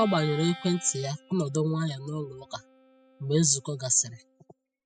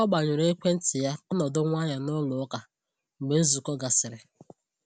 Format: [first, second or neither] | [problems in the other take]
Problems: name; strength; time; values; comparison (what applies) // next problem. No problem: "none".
second | noise reduction (classical method spectral subtraction)